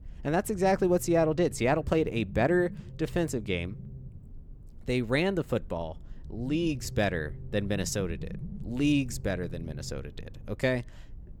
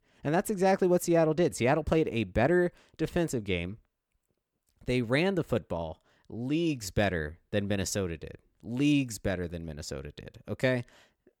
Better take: second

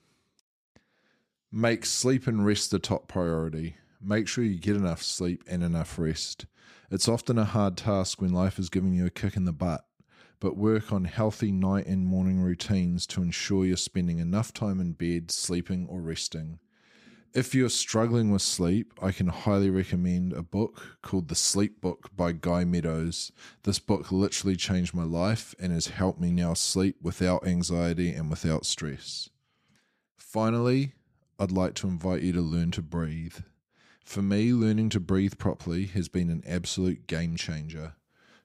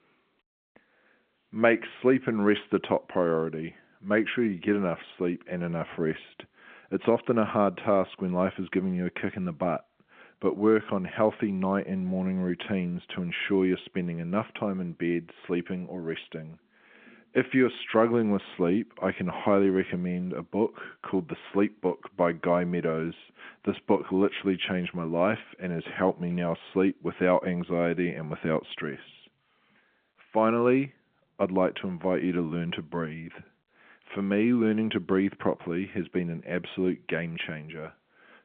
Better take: first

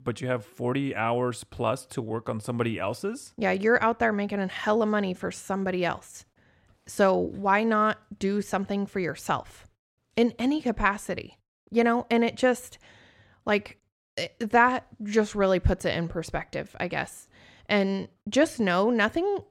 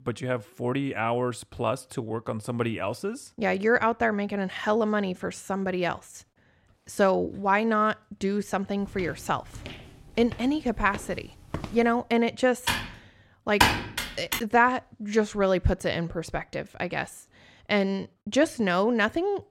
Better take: first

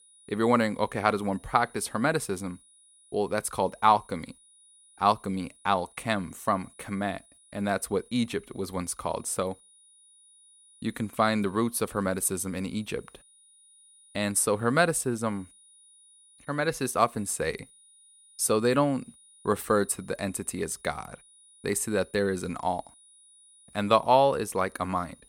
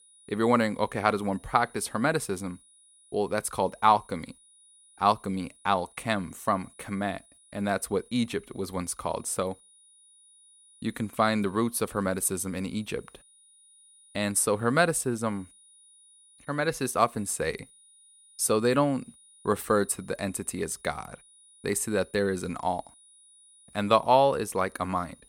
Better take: neither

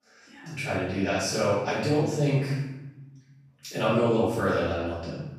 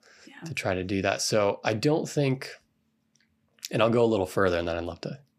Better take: second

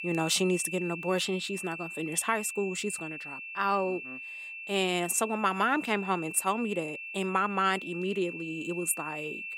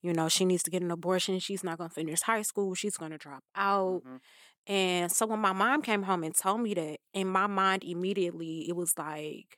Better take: second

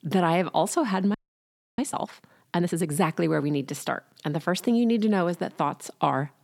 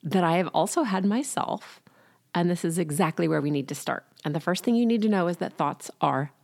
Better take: second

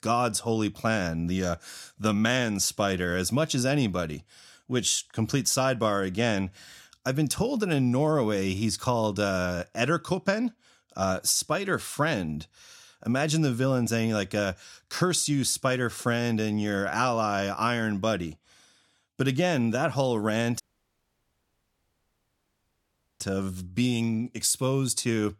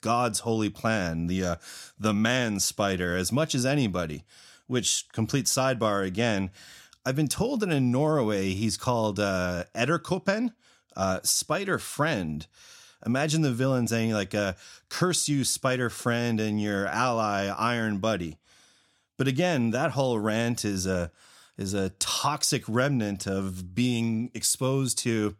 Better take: second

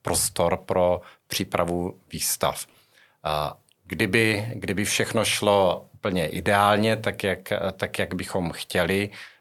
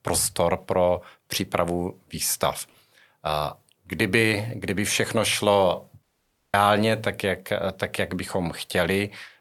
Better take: first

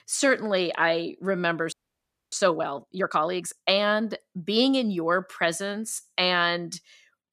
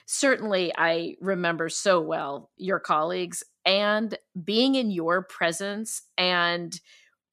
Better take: second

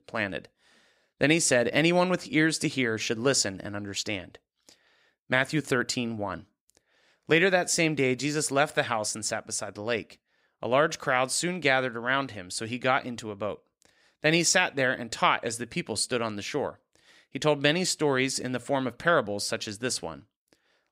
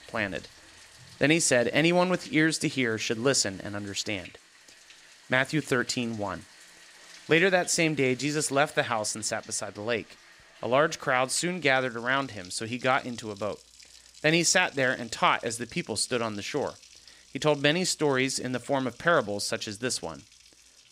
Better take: first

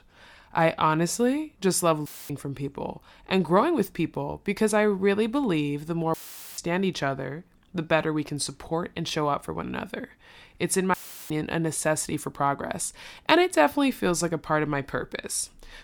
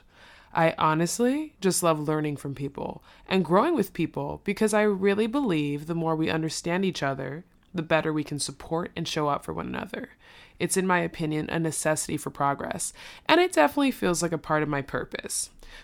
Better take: second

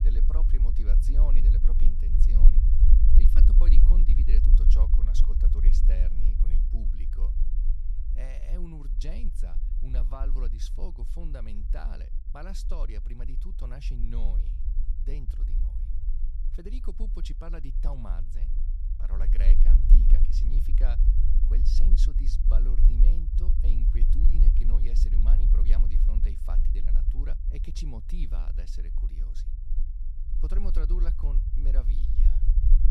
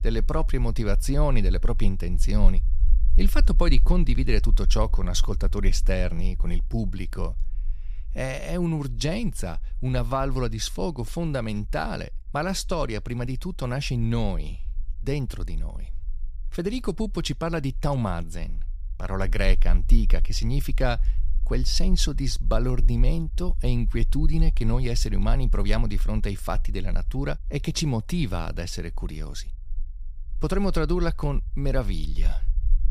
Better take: second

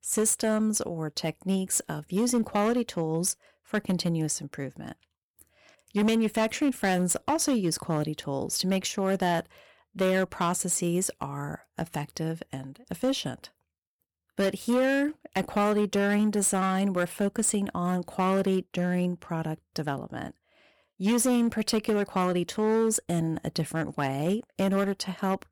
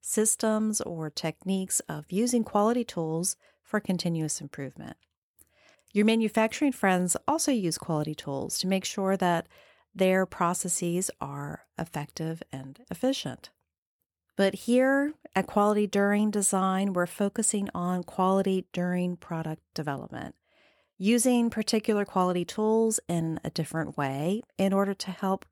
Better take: second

